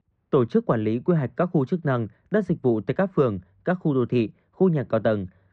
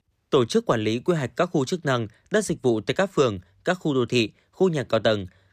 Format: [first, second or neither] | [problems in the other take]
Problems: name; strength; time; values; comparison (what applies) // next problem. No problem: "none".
second | muffled; very; fading above 1.5 kHz